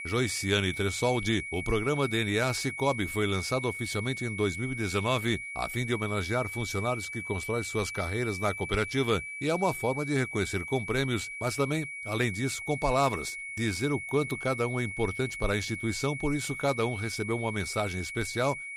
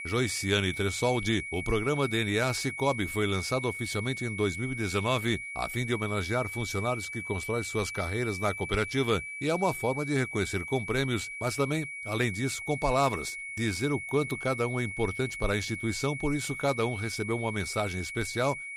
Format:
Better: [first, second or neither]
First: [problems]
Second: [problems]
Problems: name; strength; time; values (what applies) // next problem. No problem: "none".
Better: neither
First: high-pitched whine; loud; throughout; 2 kHz, 6 dB below the speech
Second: high-pitched whine; loud; throughout; 2 kHz, 6 dB below the speech